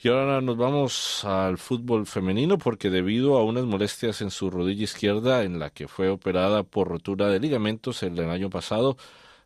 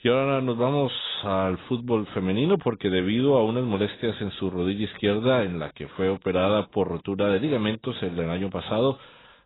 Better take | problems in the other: first | garbled, watery; badly; nothing above 4 kHz

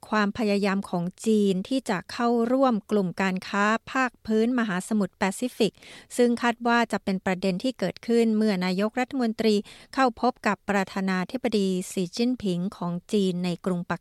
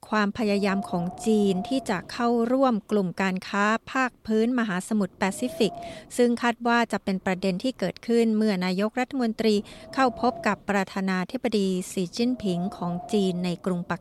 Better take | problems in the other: first | wind noise on the microphone; occasional gusts; 15 dB below the speech

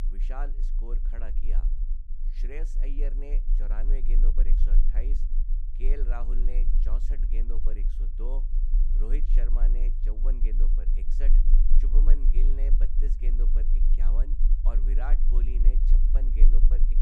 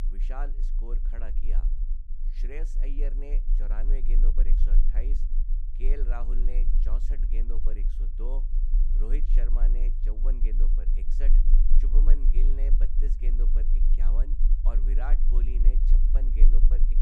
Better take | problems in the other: neither | low rumble; loud; throughout; 7 dB below the speech; the same in both

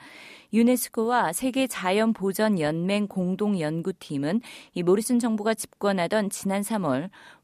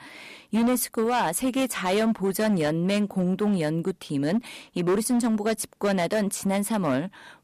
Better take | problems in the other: first | distortion; slight; 11% of the sound clipped

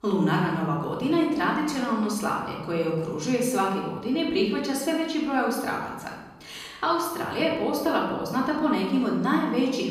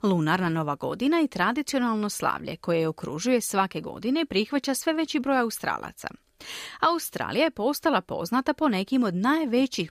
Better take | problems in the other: second | off-mic speech; far // room echo; noticeable; dies away in 1.1 s

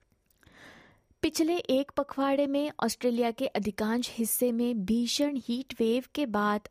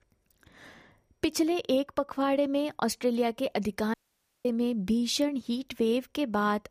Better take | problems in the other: first | audio cutting out; at 4 s for 0.5 s

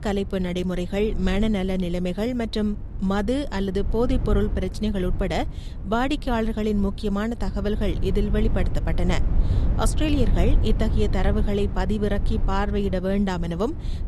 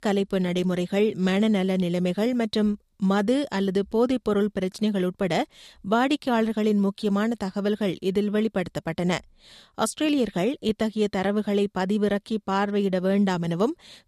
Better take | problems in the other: second | low rumble; noticeable; throughout; 15 dB below the speech

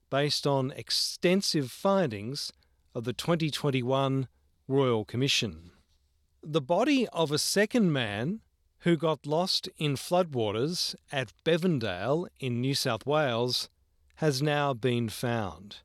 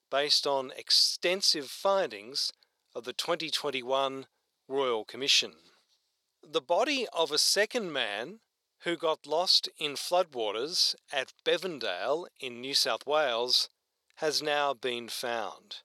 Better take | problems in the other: first | thin; very; fading below 550 Hz

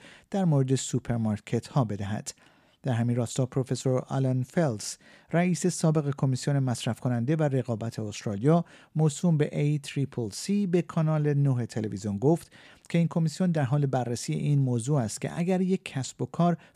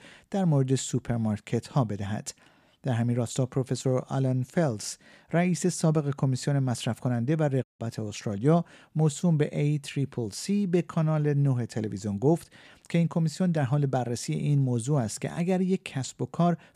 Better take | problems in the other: first | audio cutting out; at 7.5 s

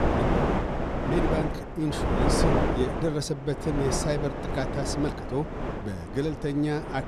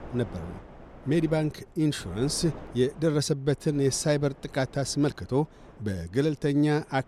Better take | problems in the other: second | wind noise on the microphone; heavy; 2 dB above the speech; occasional gusts in the second

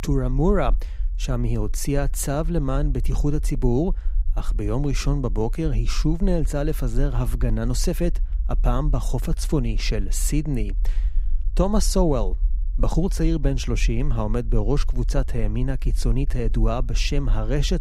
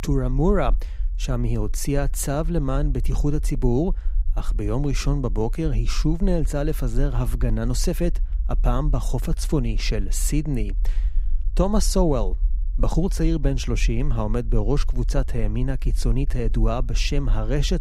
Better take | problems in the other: neither | low rumble; faint; throughout; 25 dB below the speech; the same in both

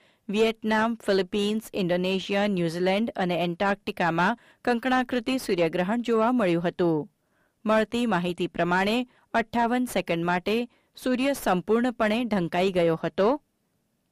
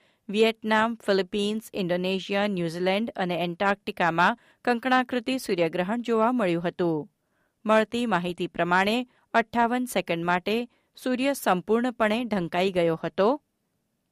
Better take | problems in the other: second | distortion; slight; 10 dB below the speech

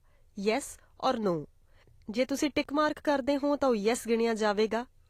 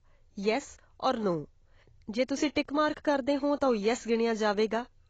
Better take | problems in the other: first | garbled, watery; badly; nothing above 7.5 kHz; slightly in the first

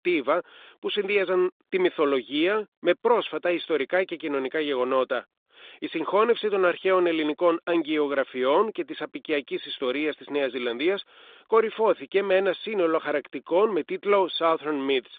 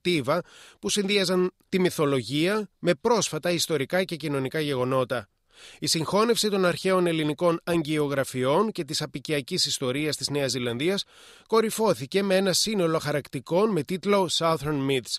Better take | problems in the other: second | phone-call audio; nothing above 3.5 kHz

